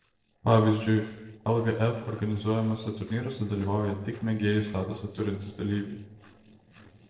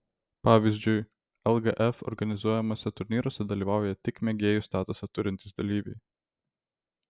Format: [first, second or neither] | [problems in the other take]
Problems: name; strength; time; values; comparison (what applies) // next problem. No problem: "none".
second | noise reduction (neural separator model SepFormer DNS4)